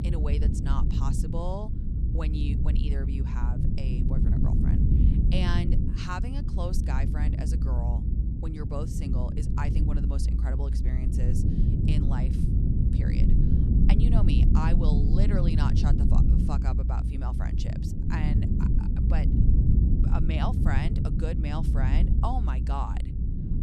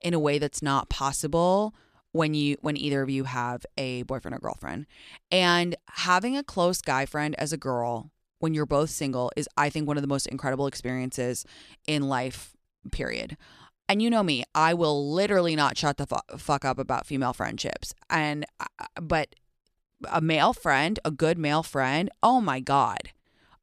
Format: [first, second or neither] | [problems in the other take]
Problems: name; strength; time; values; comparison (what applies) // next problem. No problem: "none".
second | low rumble; loud; throughout; as loud as the speech